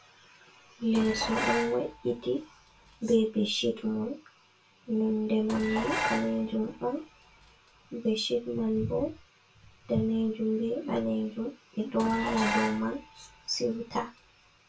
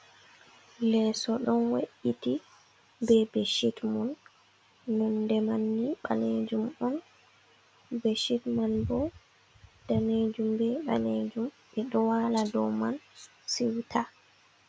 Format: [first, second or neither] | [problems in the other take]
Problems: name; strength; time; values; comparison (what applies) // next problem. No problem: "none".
second | background sound (Dishes, pots, and pans); 7 dB below the speech // room echo; dies away in 0.2 s